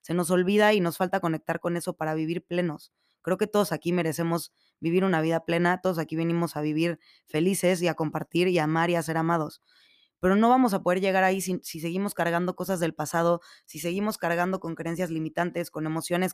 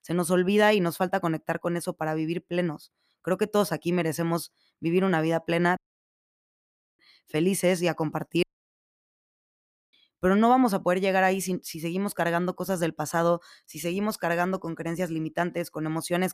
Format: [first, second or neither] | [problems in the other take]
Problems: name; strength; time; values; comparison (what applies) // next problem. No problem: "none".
first | audio cutting out; at 6 s for 1 s and at 8.5 s for 1.5 s